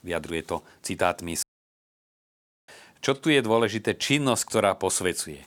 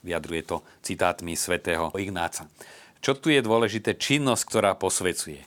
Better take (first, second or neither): second